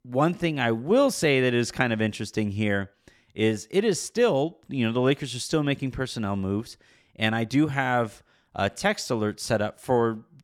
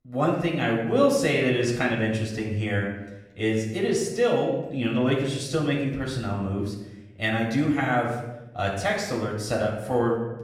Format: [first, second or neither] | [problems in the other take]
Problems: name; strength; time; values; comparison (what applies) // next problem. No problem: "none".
first | off-mic speech; far // room echo; noticeable; dies away in 0.8 s